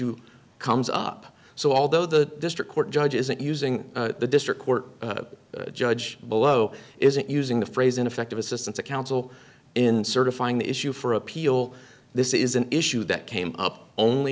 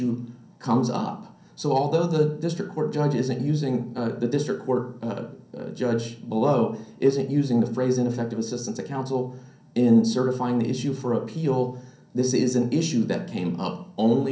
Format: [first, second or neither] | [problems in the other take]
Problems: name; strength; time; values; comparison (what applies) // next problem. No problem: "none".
first | room echo; dies away in 0.6 s